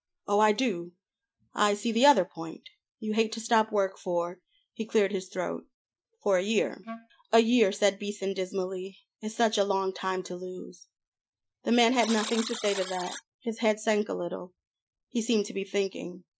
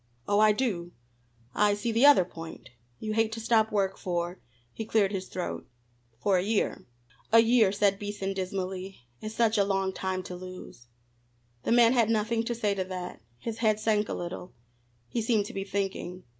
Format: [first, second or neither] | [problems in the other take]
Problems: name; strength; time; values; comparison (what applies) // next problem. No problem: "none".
second | noise reduction (classical method Wiener filter)